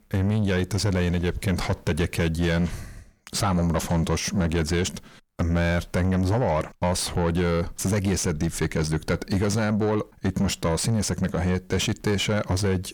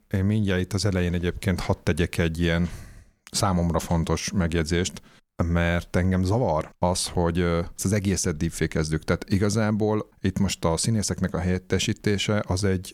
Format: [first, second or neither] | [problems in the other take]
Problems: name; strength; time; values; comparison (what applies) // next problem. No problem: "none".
second | distortion; slight; 10 dB below the speech